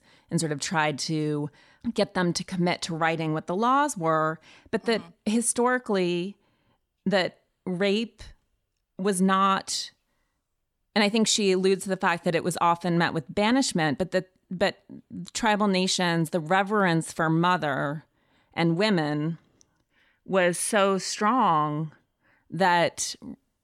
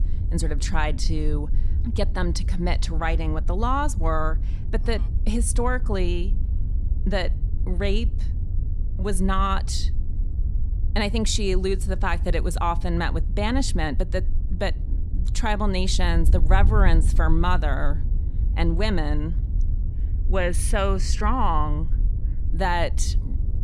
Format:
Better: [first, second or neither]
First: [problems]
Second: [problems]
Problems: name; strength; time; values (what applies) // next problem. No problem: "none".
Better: first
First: none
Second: wind noise on the microphone; occasional gusts; 15 dB below the speech